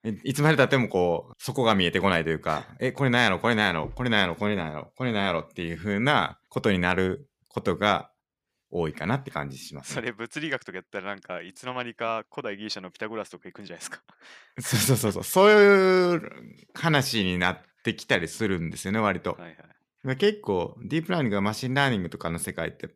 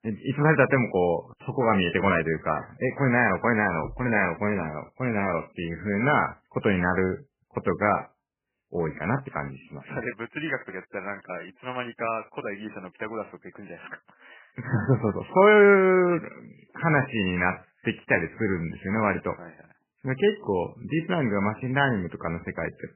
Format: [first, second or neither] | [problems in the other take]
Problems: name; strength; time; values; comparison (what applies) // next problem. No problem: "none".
first | garbled, watery; badly; nothing above 3 kHz